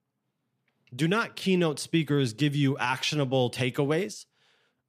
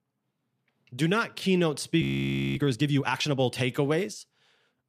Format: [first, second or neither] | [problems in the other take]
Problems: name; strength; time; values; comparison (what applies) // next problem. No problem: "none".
first | audio freezing; at 2 s for 0.5 s